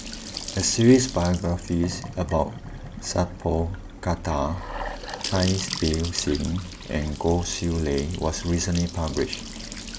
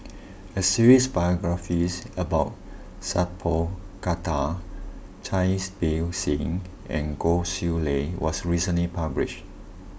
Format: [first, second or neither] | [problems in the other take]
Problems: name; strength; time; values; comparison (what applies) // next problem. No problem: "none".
second | background sound (Trickle, dribble / Bathtub (filling or washing) / Sink (filling or washing) / Gurgling / Splash, splatter); 12 dB below the speech